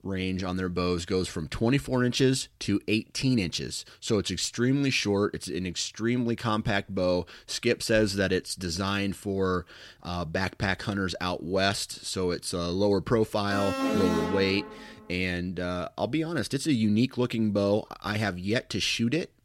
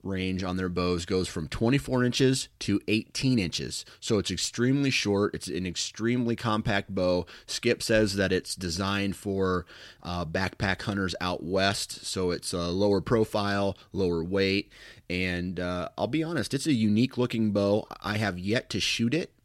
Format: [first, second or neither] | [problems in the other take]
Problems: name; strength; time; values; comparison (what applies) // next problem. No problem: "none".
second | alarm; loud; from 14 to 15 s; peak 1 dB above the speech